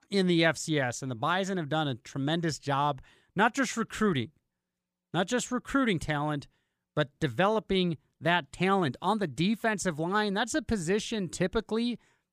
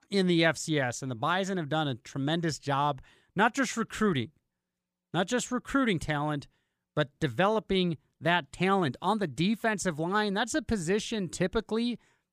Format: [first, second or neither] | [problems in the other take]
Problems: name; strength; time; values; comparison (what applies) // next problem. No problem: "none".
neither | none